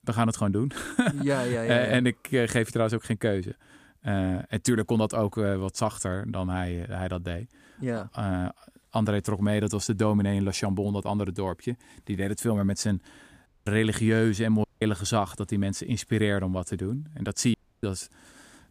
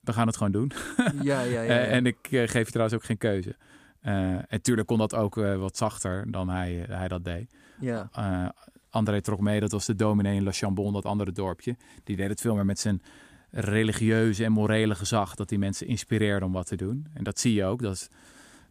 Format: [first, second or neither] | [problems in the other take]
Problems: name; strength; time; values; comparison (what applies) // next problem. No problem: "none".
second | audio cutting out; at 13 s, at 15 s and at 18 s